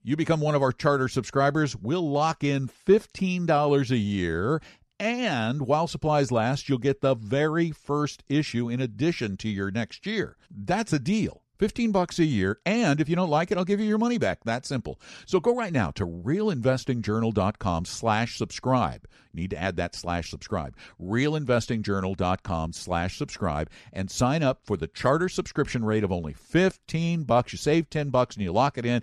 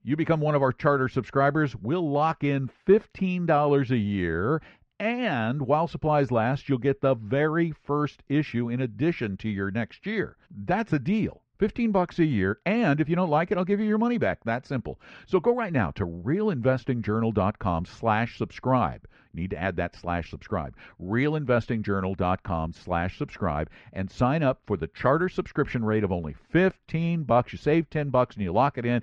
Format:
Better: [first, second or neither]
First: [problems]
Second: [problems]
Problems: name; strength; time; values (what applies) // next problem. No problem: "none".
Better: first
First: none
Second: muffled; slightly; fading above 2 kHz